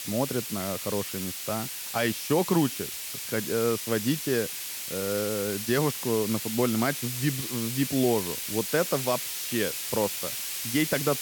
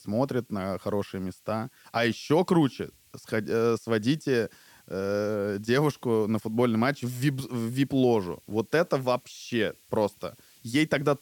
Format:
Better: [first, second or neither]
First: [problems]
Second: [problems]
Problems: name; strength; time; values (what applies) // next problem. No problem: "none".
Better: second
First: hiss; loud; throughout; 3 dB below the speech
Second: hiss; faint; throughout; 30 dB below the speech